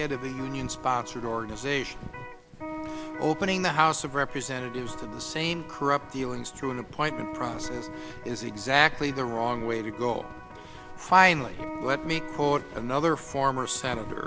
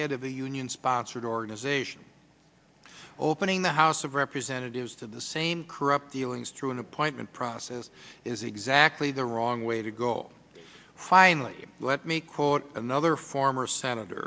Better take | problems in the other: second | background sound (Electric guitar + Walk, footsteps); 10 dB below the speech

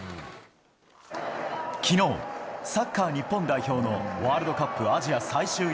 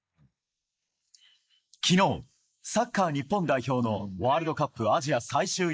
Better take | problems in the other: first | noise reduction (neural mask model Resemble Enhance denoiser)

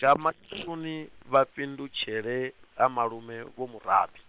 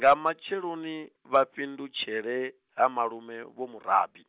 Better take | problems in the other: second | noise reduction (neural separator model SepFormer WHAM!)

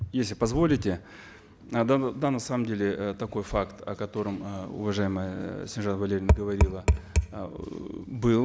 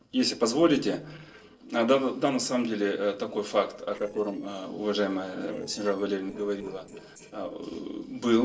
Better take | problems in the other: first | noise reduction (neural separator model SepFormer DNS4)

